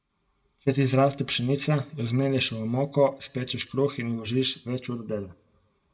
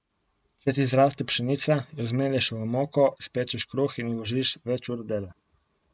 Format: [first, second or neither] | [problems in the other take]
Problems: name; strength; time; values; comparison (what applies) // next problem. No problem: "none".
second | room echo; dies away in 0.4 s